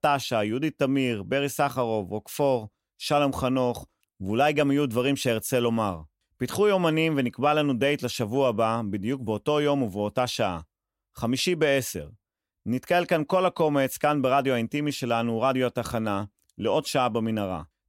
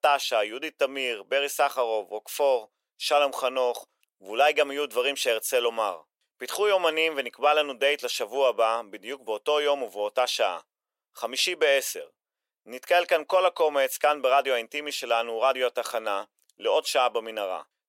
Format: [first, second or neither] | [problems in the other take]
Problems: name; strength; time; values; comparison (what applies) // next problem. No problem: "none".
first | thin; very; fading below 500 Hz